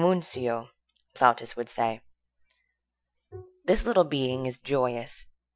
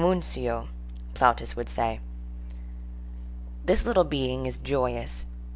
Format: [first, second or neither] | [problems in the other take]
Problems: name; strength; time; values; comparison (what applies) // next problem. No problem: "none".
second | noise reduction (classical method Wiener filter)